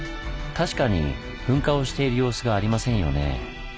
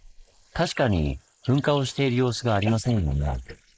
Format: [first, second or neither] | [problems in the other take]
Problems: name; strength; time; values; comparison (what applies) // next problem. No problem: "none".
first | noise reduction (neural mask model Resemble Enhance denoiser)